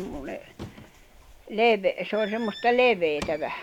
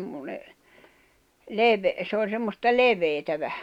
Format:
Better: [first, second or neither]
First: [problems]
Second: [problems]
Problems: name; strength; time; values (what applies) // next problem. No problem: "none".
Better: second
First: background sound (Bird + Drawer open or close / Wood); 17 dB below the speech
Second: none